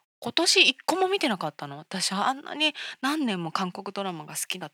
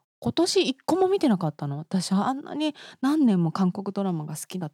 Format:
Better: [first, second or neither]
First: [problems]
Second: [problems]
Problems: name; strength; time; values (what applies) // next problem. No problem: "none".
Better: second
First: thin; somewhat; fading below 1 kHz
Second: none